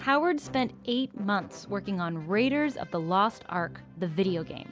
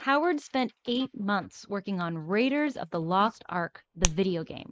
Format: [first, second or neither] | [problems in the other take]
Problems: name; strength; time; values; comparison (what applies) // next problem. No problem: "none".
first | noise reduction (neural mask model Resemble Enhance denoiser)